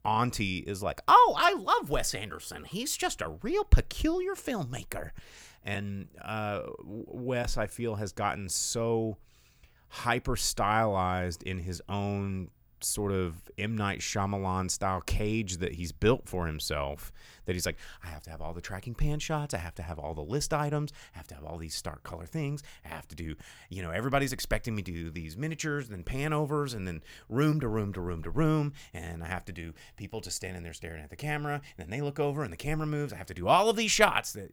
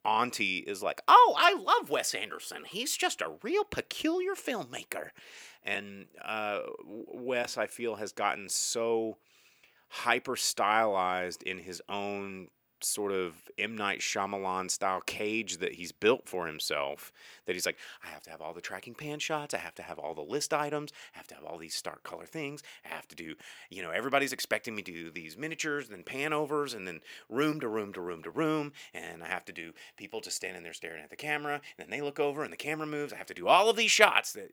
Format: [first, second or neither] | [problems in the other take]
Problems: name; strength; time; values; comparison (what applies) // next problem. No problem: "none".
first | thin; somewhat; fading below 350 Hz